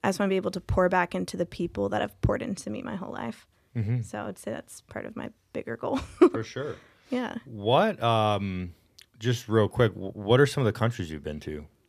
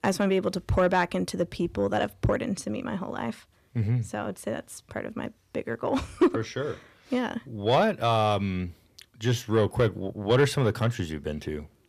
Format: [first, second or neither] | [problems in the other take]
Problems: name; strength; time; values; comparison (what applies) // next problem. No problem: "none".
first | distortion; slight; 10 dB below the speech